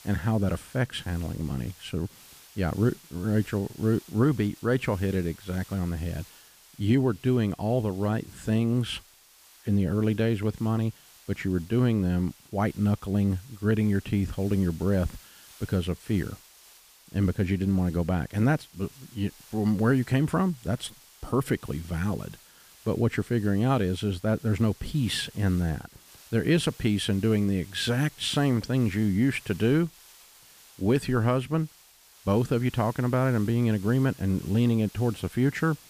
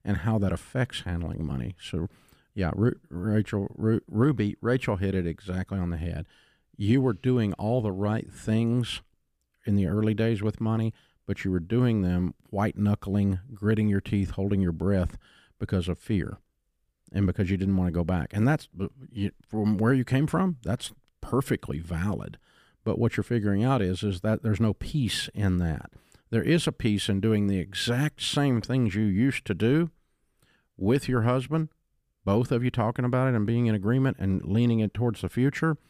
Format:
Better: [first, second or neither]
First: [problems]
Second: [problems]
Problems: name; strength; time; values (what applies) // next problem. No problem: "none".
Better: second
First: hiss; faint; throughout; 25 dB below the speech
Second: none